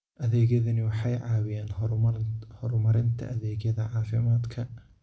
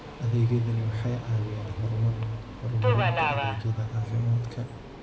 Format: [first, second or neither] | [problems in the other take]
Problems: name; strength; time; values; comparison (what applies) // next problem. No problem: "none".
first | background sound (Subway, metro, underground); 7 dB below the speech